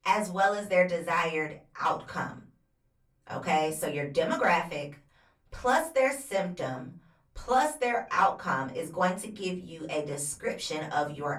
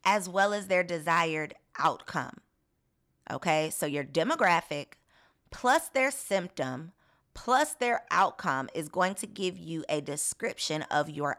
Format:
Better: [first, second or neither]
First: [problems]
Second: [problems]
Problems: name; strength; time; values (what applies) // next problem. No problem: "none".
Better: second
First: off-mic speech; far // room echo; very slight; dies away in 0.3 s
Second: none